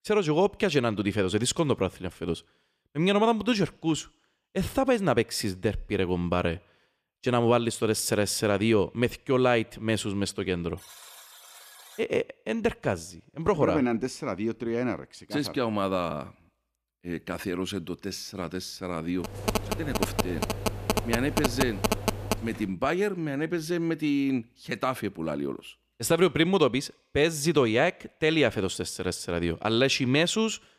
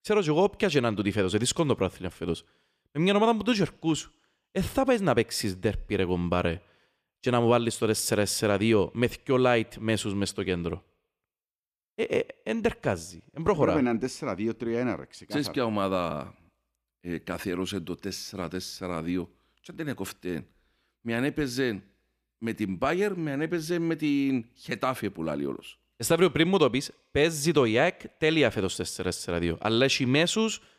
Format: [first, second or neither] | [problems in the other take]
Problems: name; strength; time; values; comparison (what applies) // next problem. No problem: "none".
second | alarm; faint; from 11 to 12 s; peak 20 dB below the speech // phone ringing; noticeable; from 19 to 23 s; peak level with the speech